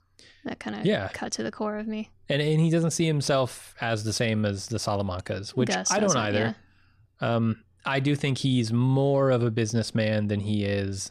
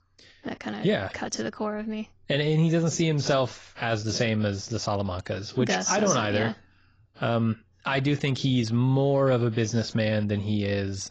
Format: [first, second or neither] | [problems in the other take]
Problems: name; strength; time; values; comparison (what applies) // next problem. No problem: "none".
first | garbled, watery; badly